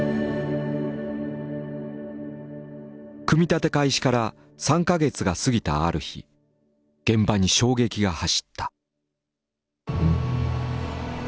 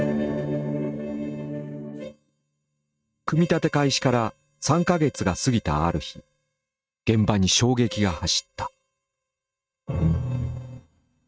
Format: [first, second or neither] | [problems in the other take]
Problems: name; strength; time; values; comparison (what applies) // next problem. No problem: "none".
first | noise reduction (neural mask model RNNoise)